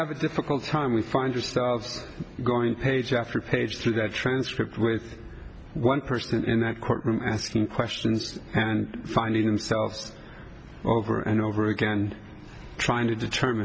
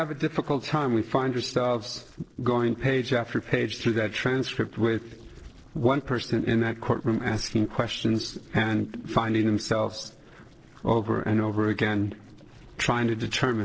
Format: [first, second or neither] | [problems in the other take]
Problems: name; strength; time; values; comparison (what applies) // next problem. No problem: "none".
first | noise reduction (neural separator model SepFormer DNS4)